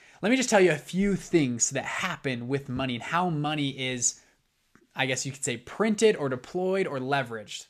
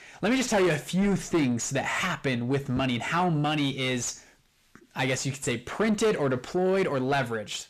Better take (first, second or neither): first